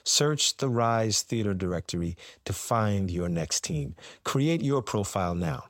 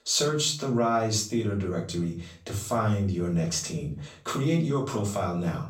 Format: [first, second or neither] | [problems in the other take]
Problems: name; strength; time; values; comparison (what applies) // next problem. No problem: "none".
first | room echo; slight; dies away in 0.3 s // off-mic speech; far